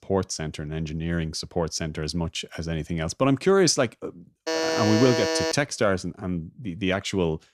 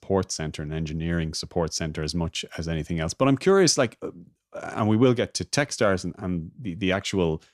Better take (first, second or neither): second